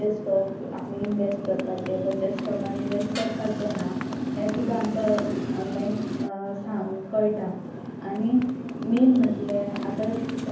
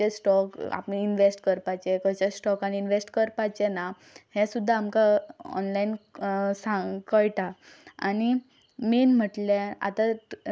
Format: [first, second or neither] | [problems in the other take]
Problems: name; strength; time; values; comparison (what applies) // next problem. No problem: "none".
second | background sound (Motorcycle); 5 dB below the speech // room echo; dies away in 0.7 s